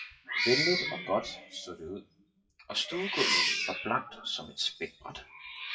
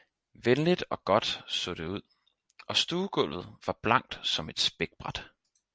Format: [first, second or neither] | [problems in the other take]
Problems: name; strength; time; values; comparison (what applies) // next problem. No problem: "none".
second | noise reduction (classical method WPE with log-MMSE)